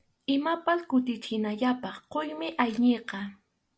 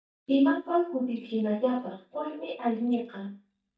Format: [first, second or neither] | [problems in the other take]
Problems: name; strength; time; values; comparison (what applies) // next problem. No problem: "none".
first | noise reduction (neural mask model DeepFilterNet 3)